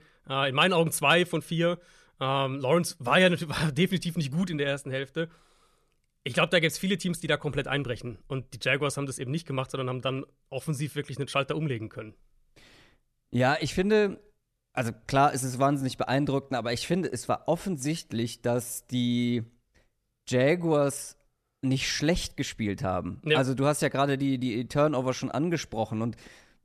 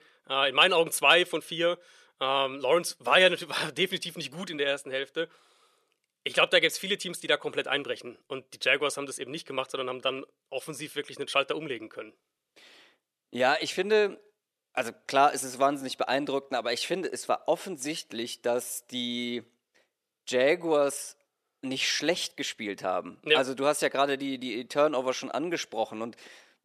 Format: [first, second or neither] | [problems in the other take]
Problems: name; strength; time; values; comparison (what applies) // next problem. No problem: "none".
first | thin; somewhat; fading below 400 Hz